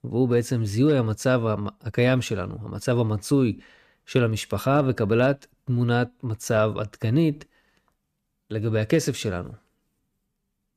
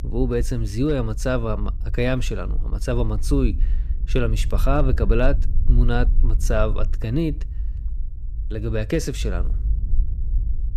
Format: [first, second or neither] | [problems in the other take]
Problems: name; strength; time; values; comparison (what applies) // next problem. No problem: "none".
first | low rumble; noticeable; throughout; 20 dB below the speech